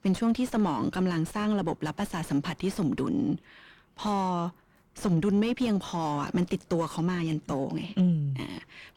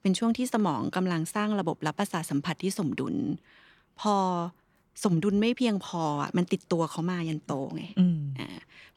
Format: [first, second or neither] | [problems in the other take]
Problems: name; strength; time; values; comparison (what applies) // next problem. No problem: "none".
second | distortion; slight; 9 dB below the speech